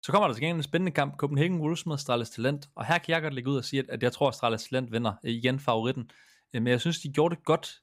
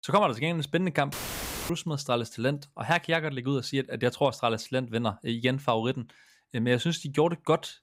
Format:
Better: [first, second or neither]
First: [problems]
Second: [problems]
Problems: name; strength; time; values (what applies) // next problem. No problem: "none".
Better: first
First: none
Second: audio cutting out; filled with static; at 1 s for 0.5 s